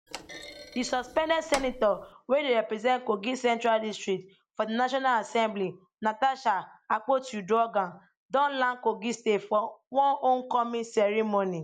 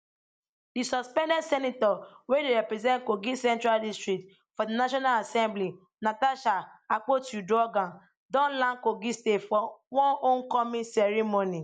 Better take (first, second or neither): second